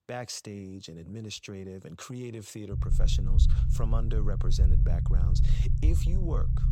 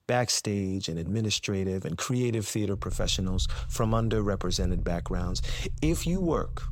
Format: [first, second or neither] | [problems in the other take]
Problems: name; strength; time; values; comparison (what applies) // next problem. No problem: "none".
second | low rumble; loud; from 2.5 s on; 3 dB below the speech; faint in the second